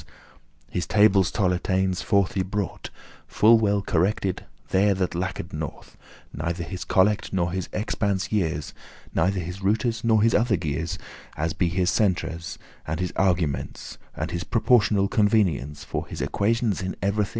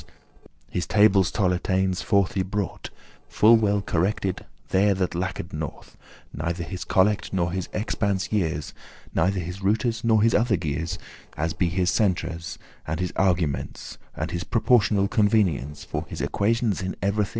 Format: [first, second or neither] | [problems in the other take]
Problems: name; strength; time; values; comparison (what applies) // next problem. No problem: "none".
first | noise reduction (neural separator model SepFormer DNS4)